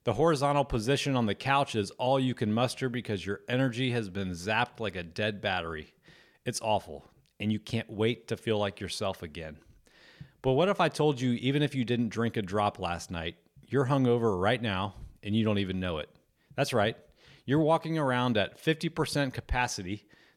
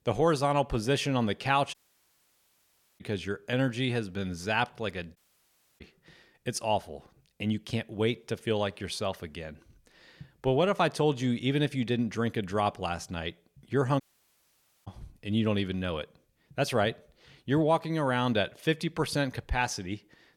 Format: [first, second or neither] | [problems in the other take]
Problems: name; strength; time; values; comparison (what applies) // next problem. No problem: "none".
first | audio cutting out; at 1.5 s for 1.5 s, at 5 s for 0.5 s and at 14 s for 1 s